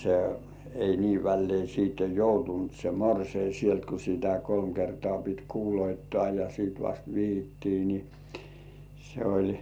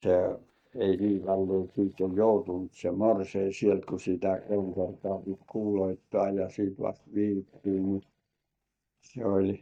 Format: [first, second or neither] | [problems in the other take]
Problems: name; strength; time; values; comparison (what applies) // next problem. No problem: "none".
first | noise reduction (neural mask model DeepFilterNet 3)